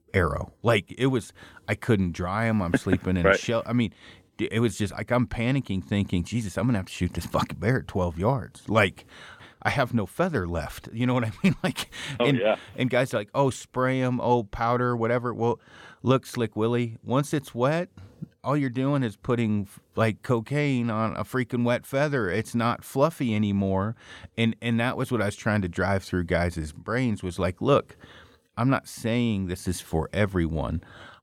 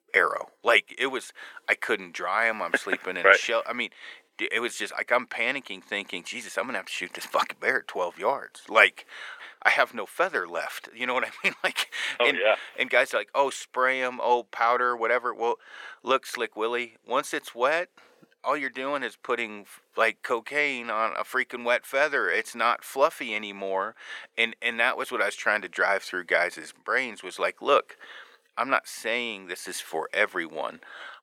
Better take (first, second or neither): first